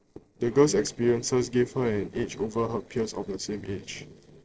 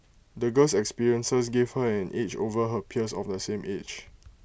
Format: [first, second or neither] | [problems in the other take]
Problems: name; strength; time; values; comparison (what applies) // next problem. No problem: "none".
second | noise reduction (neural separator model SepFormer DNS4)